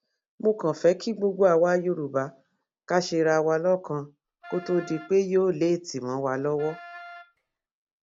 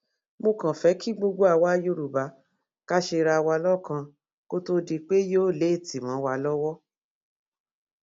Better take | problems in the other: second | background sound (Wind instrument, woodwind instrument); 19 dB below the speech

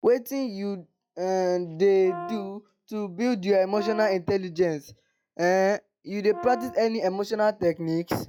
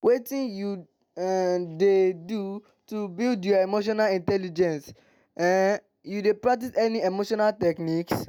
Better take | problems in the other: second | noise reduction (classical method log-MMSE)

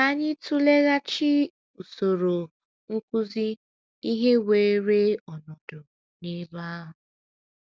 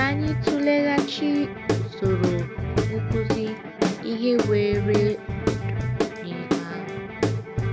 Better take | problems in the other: first | background sound (Guitar / Drum); 1 dB above the speech

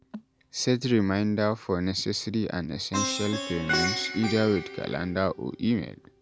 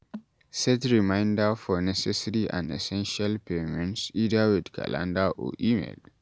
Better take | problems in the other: second | background sound (Plucked string instrument); 8 dB below the speech

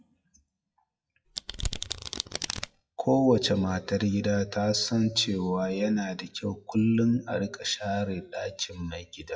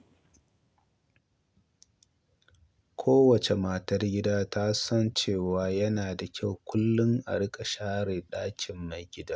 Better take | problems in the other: second | noise reduction (classical method WPE with log-MMSE)

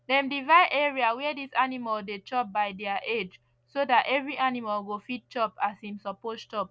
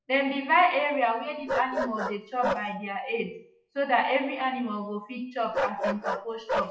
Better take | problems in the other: first | noise reduction (classical method WPE with log-MMSE)

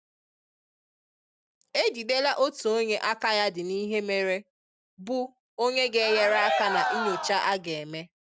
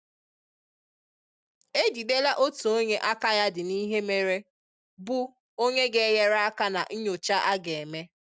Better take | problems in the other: second | background sound (Cheering); 2 dB below the speech

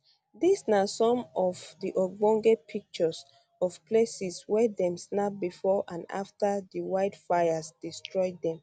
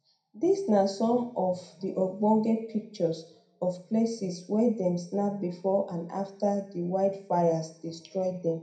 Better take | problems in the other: first | room echo; dies away in 0.4 s

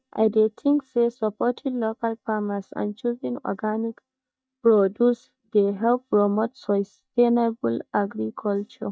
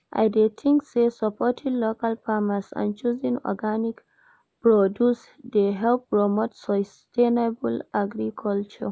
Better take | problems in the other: second | noise reduction (neural mask model DeepFilterNet 3)

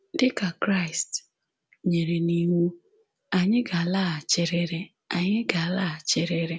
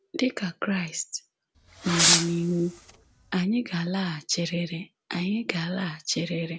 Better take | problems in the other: first | background sound (Fireworks); 2 dB above the speech

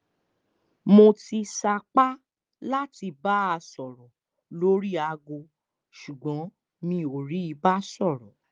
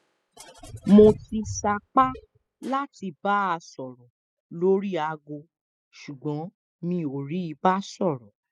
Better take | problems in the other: first | noise reduction (classical method spectral subtraction)

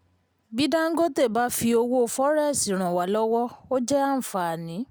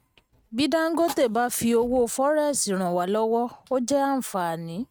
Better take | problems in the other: first | noise reduction (neural mask model RNNoise)

